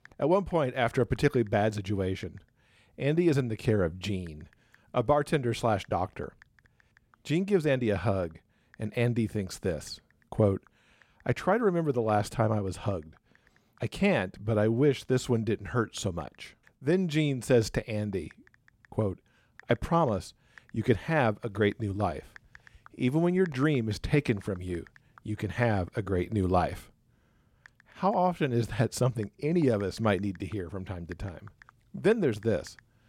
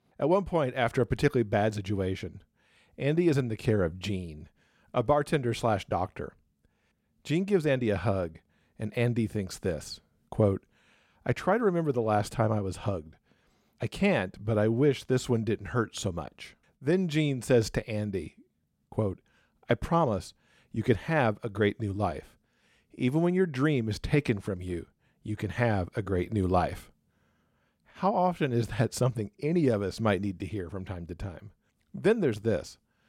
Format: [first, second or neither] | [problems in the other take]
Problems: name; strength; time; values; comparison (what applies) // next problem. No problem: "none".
second | household noises; faint; throughout; 30 dB below the speech